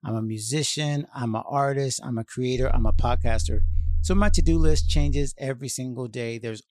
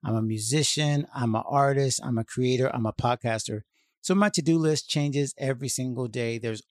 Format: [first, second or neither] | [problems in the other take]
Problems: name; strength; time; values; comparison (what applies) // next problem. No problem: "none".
second | low rumble; noticeable; from 2.5 to 5 s; 20 dB below the speech